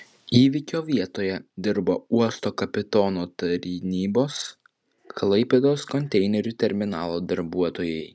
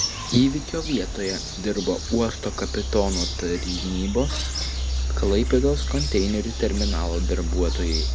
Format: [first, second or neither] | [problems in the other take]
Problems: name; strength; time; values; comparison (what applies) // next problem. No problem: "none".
first | background sound (Bird vocalization, bird call, bird song); 1 dB below the speech